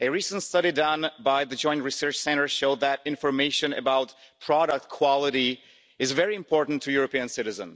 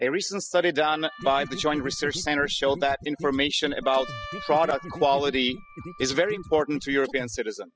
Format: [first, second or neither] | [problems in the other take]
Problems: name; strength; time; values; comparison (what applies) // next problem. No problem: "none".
first | noise reduction (classical method spectral subtraction)